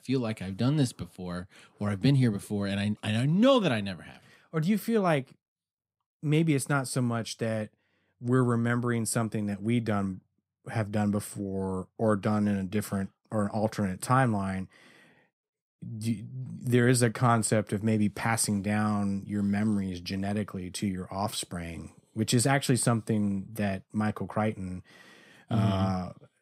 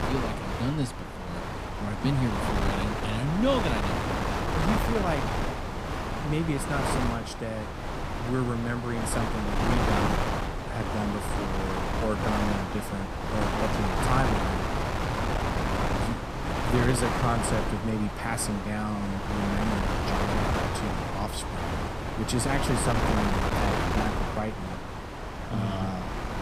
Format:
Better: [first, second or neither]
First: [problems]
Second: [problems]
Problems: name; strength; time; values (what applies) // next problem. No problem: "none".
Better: first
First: none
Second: wind noise on the microphone; heavy; 3 dB above the speech